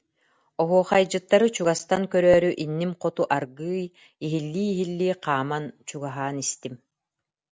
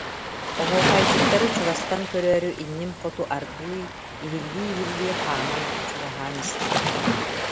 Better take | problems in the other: first | background sound (Waves, surf); 2 dB above the speech

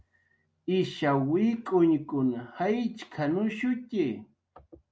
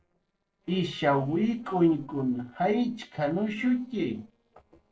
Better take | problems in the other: first | noise reduction (neural separator model SepFormer DNS4)

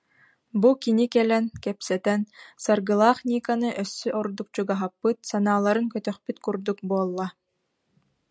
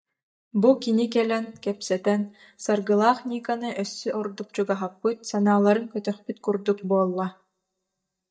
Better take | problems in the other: first | noise reduction (neural mask model DeepFilterNet 3)

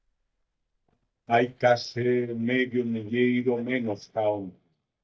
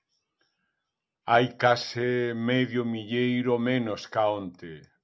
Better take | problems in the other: second | noise reduction (neural mask model DeepFilterNet 3)

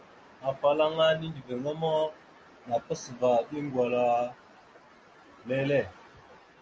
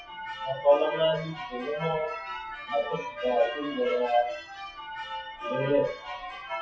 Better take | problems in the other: first | noise reduction (classical method WPE with log-MMSE)

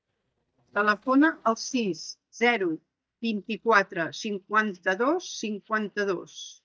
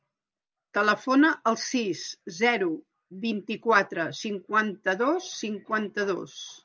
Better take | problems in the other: second | noise reduction (neural mask model DeepFilterNet 3)

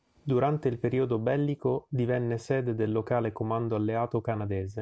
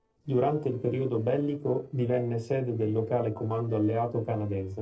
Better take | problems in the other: first | noise reduction (neural separator model SepFormer DNS4)

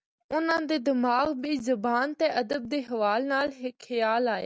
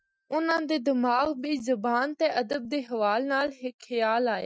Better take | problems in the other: first | noise reduction (classical method Wiener filter)

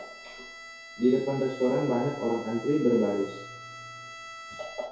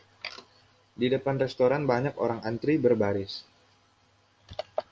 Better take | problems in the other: second | background sound (Bowed string instrument); 15 dB below the speech // room echo; dies away in 2.3 s

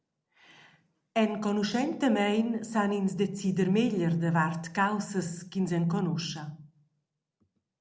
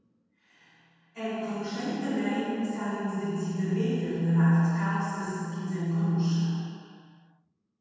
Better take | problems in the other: first | room echo; dies away in 2.1 s

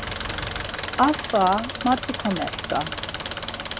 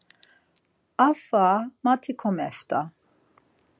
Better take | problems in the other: second | background sound (Engine); 5 dB below the speech

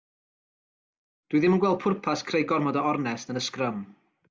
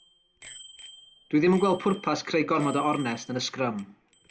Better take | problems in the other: first | background sound (Bicycle bell + Bowed string instrument); 18 dB below the speech

